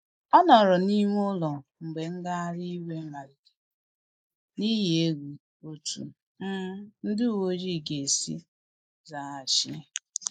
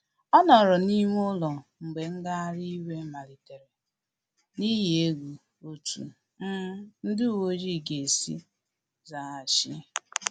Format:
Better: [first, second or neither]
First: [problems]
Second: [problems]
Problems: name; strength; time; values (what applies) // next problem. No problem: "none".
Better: second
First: noise reduction (neural mask model Resemble Enhance denoiser)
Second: none